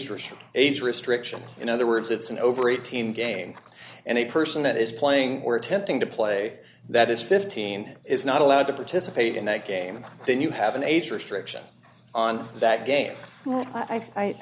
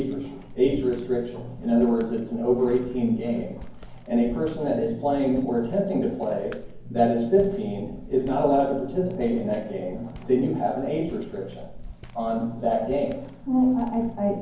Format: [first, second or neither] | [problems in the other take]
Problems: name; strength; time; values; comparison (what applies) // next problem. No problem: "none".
first | background sound (Walk, footsteps); 16 dB below the speech // room echo; dies away in 0.9 s